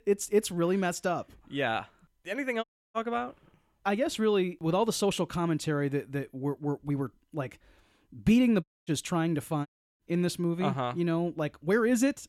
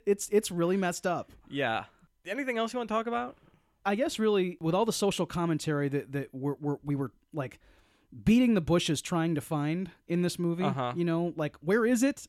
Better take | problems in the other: second | audio cutting out; at 2.5 s, at 8.5 s and at 9.5 s

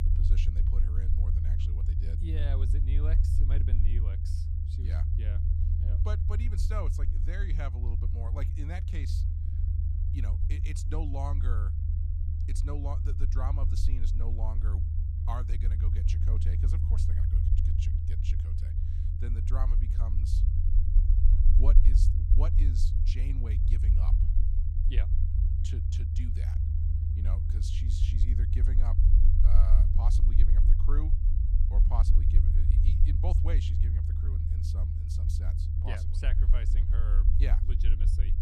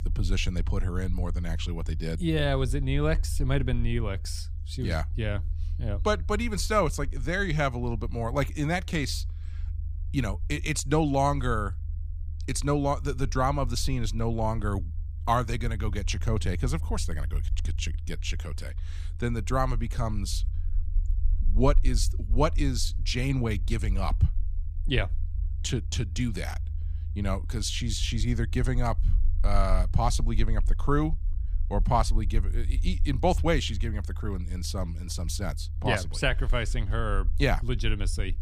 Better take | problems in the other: second | low rumble; loud; throughout; 1 dB below the speech; faint in the second

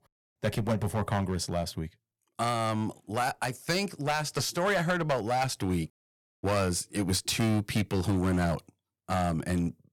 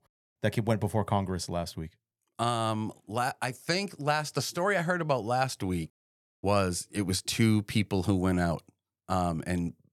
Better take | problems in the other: second | distortion; heavy; 7% of the sound clipped

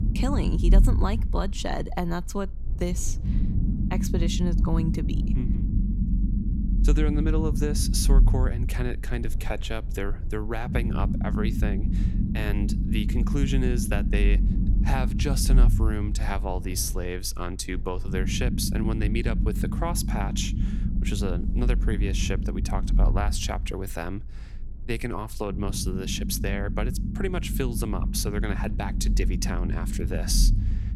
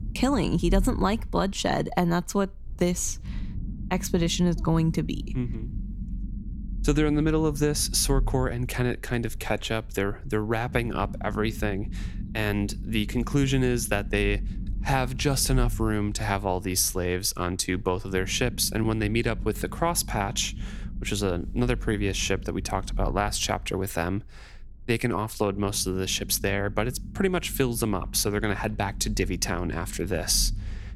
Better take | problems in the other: second | low rumble; loud; throughout; 7 dB below the speech; faint in the second

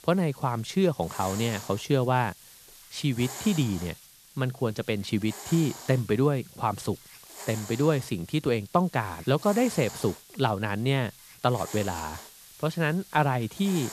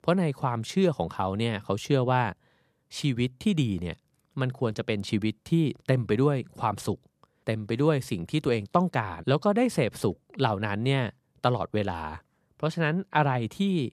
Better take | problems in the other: second | hiss; noticeable; throughout; 15 dB below the speech

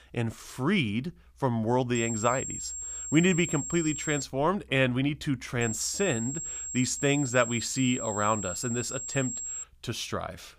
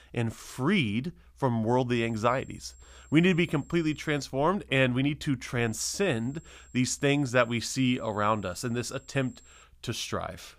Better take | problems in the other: second | high-pitched whine; loud; from 2 to 4 s and from 5.5 to 9.5 s; 7.5 kHz, 6 dB below the speech; faint in the second

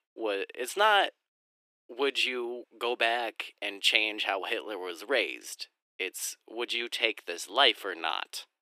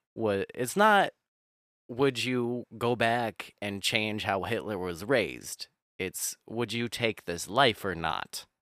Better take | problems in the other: second | thin; somewhat; fading below 300 Hz

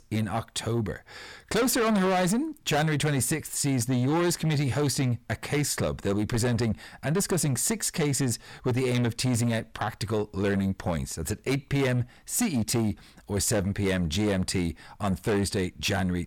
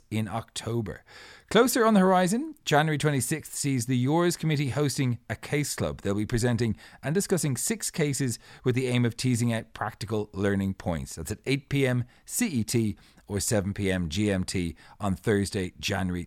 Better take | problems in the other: second | distortion; heavy; 8 dB below the speech

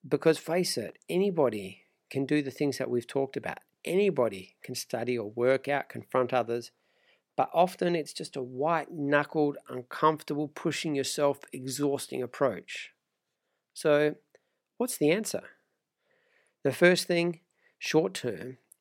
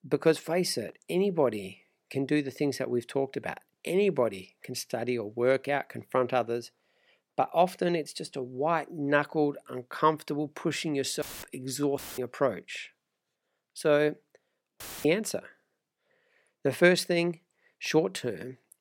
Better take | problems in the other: first | audio cutting out; filled with static; at 11 s, at 12 s and at 15 s

